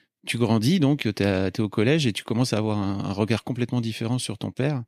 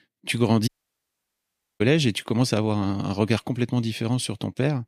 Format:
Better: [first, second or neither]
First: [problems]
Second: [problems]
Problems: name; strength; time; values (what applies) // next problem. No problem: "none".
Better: first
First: none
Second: audio cutting out; at 0.5 s for 1 s